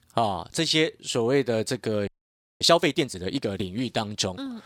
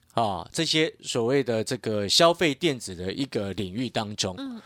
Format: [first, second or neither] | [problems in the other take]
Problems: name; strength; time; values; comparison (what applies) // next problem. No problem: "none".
second | audio freezing; at 2 s for 0.5 s